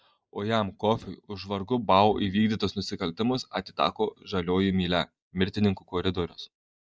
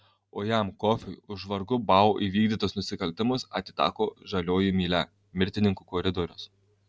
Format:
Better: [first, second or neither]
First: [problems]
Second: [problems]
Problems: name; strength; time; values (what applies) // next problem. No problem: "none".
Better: second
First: noise reduction (neural mask model Resemble Enhance denoiser)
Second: none